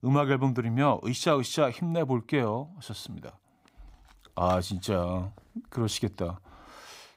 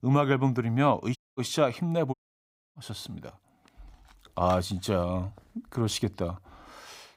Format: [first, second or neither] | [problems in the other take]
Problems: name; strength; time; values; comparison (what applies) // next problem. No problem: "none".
first | audio cutting out; at 1 s and at 2 s for 0.5 s